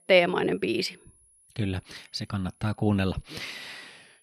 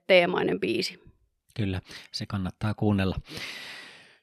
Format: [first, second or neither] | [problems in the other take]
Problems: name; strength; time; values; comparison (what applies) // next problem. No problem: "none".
second | high-pitched whine; faint; throughout; 10.5 kHz, 30 dB below the speech